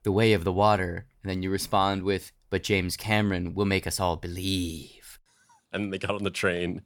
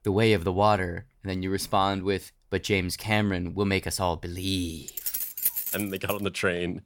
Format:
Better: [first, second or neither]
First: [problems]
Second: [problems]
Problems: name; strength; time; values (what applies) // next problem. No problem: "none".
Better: first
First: none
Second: jangling keys; loud; from 5 to 6 s; peak 1 dB above the speech